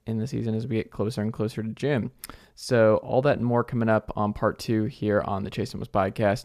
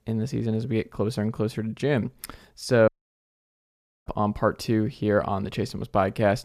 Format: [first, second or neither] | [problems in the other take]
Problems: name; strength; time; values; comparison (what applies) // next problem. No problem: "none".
first | audio cutting out; at 3 s for 1 s